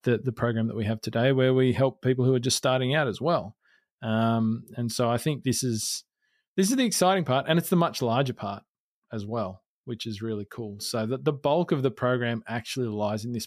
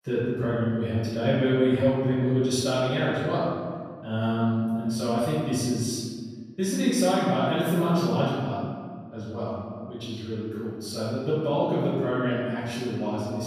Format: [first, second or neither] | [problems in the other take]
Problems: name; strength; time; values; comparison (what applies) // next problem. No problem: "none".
first | room echo; strong; dies away in 1.7 s // off-mic speech; far